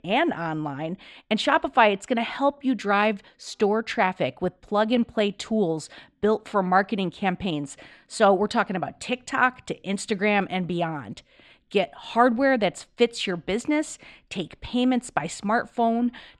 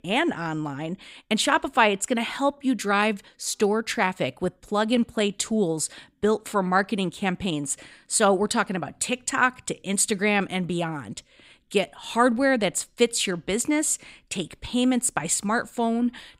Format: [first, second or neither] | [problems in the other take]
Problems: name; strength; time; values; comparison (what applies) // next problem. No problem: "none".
second | muffled; slightly; fading above 4 kHz